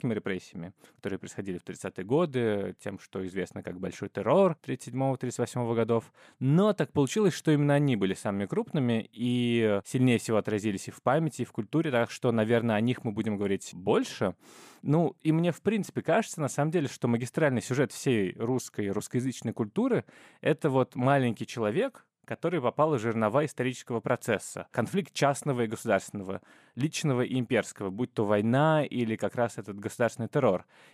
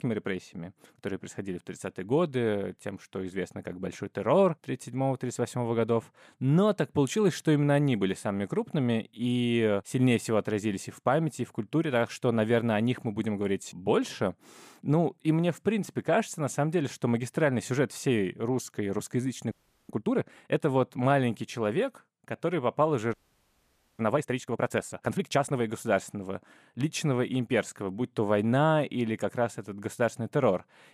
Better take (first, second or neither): first